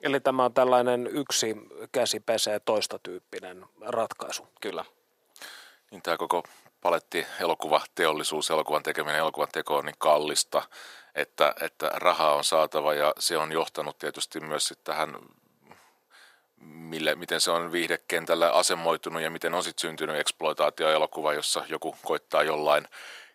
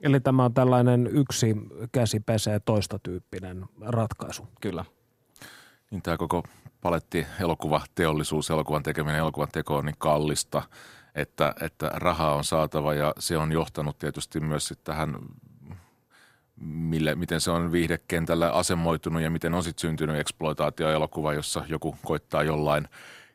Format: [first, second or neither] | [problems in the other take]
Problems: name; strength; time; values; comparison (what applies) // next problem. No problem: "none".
second | thin; very; fading below 550 Hz